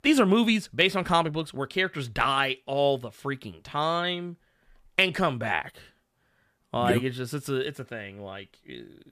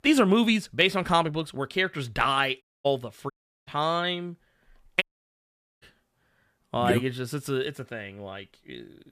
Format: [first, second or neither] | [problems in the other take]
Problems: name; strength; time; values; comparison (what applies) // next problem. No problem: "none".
first | audio cutting out; at 2.5 s, at 3.5 s and at 5 s for 1 s